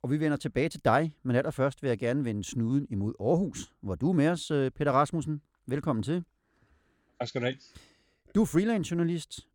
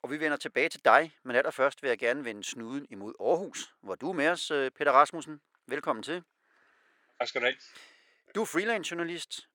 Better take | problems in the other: first | thin; very; fading below 500 Hz

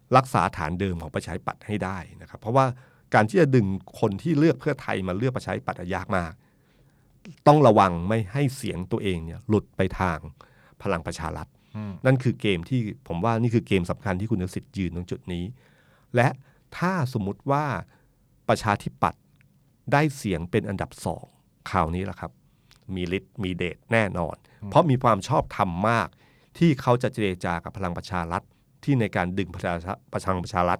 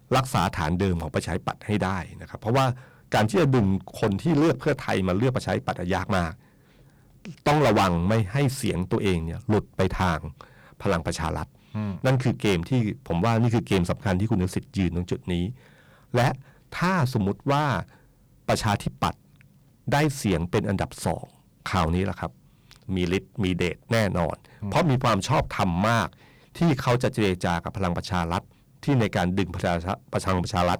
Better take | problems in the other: first | distortion; heavy; 11% of the sound clipped

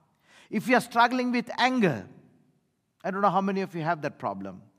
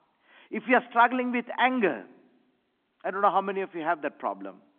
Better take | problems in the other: first | phone-call audio; nothing above 3.5 kHz

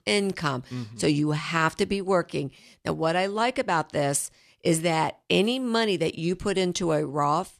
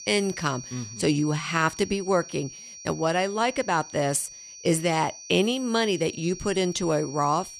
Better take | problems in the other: first | high-pitched whine; noticeable; throughout; 6 kHz, 15 dB below the speech

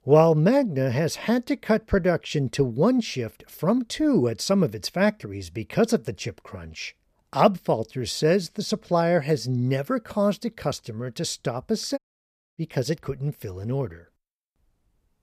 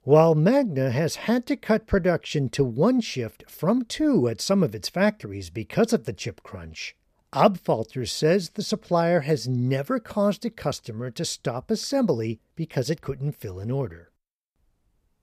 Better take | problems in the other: second | audio cutting out; at 12 s for 0.5 s

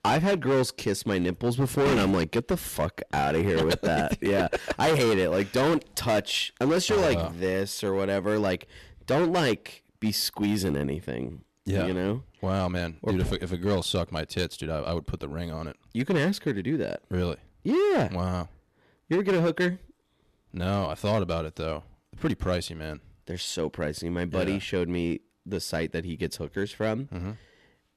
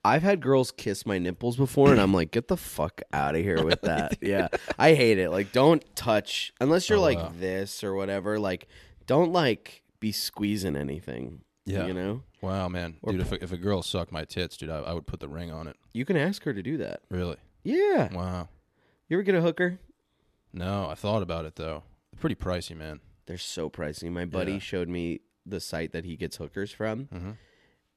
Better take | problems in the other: second | distortion; heavy; 8% of the sound clipped

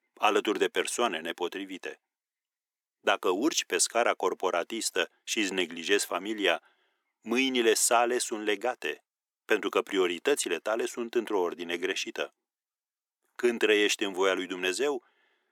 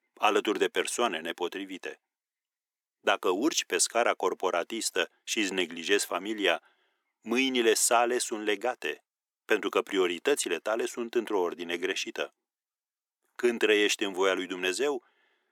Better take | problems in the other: neither | thin; somewhat; fading below 300 Hz; the same in both

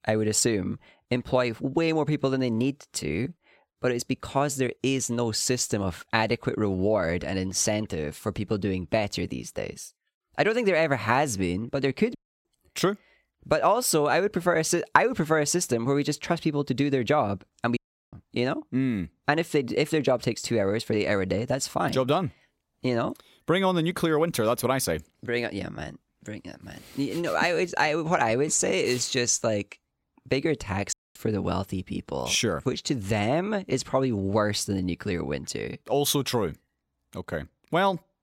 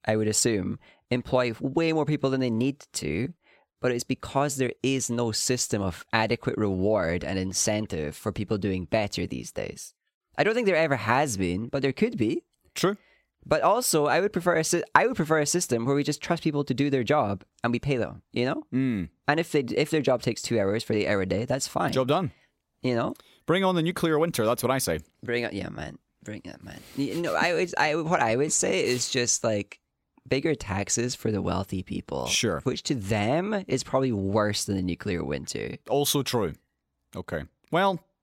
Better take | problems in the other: second | audio cutting out; at 12 s, at 18 s and at 31 s

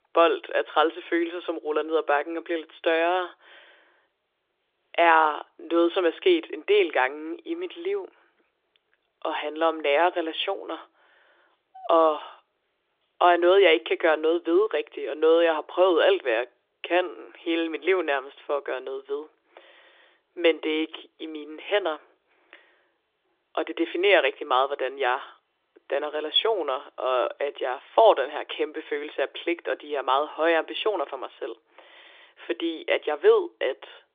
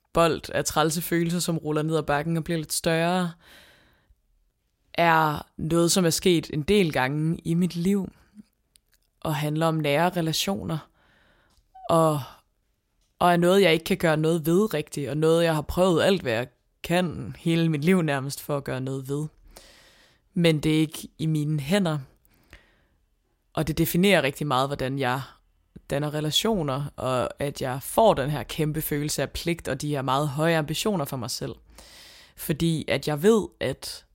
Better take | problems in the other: second | phone-call audio; nothing above 3.5 kHz

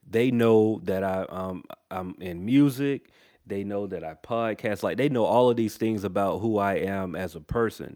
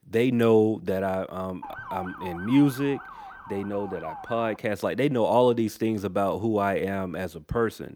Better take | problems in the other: first | siren; faint; from 1.5 to 4.5 s; peak 10 dB below the speech

